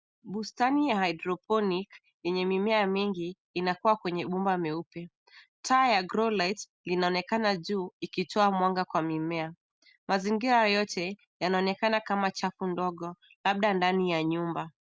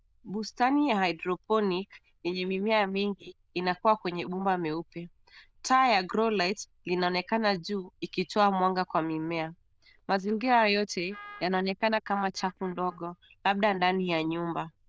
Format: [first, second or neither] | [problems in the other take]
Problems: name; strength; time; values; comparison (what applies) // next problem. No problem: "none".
first | noise reduction (neural diffusion model UNIVERSE++)